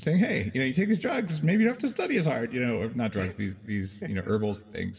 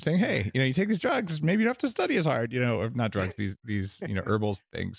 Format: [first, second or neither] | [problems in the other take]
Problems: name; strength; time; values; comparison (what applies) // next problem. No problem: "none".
second | room echo; dies away in 1.9 s